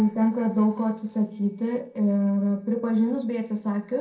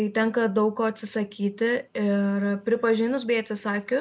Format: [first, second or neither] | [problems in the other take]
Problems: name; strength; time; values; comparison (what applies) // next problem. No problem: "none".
second | noise reduction (neural separator model SepFormer DNS4)